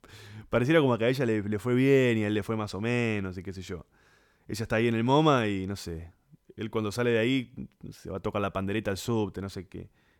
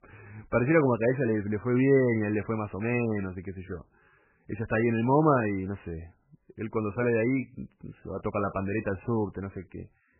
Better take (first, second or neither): first